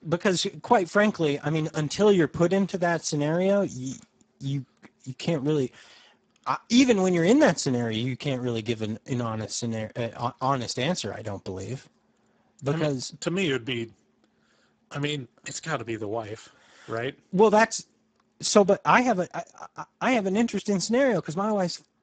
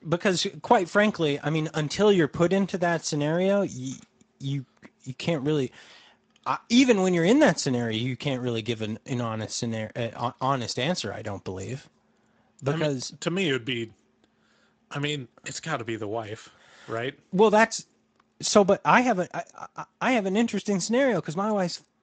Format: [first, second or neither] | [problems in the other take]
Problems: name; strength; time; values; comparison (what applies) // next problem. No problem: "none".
second | garbled, watery; badly; nothing above 8 kHz; slightly in the second